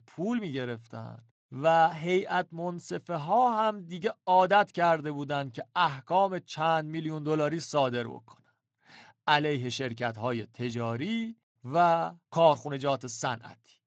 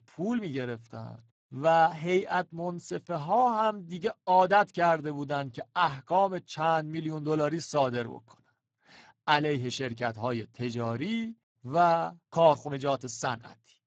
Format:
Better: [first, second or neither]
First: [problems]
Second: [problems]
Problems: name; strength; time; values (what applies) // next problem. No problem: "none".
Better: first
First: garbled, watery; slightly; nothing above 7.5 kHz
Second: garbled, watery; badly; nothing above 7.5 kHz